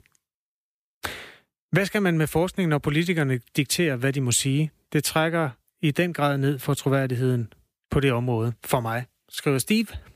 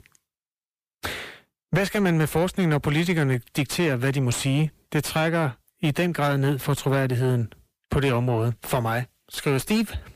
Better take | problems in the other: first | distortion; slight; 9 dB below the speech

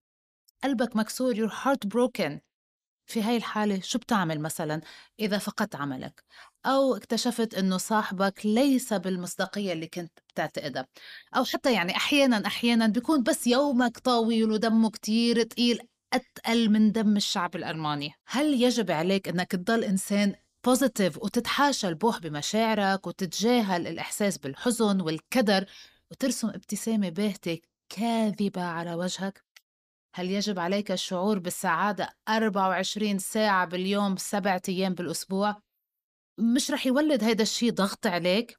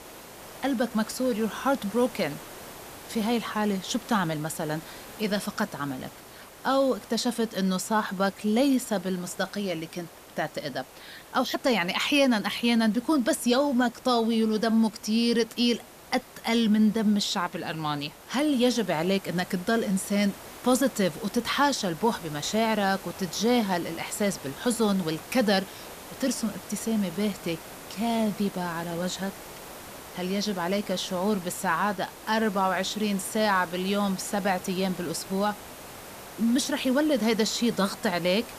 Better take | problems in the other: first | hiss; noticeable; throughout; 15 dB below the speech

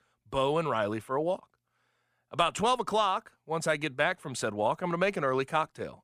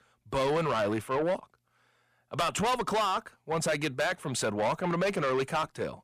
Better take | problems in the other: first | distortion; heavy; 7 dB below the speech

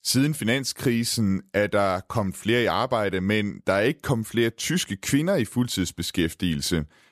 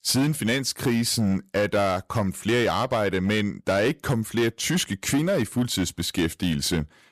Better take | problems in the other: first | distortion; slight; 9% of the sound clipped

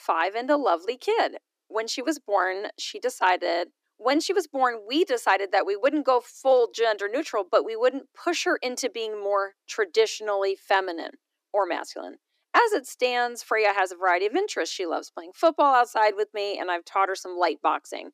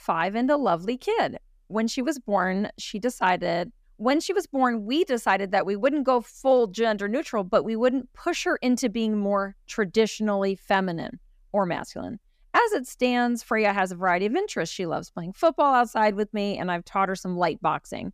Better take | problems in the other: second | thin; somewhat; fading below 300 Hz

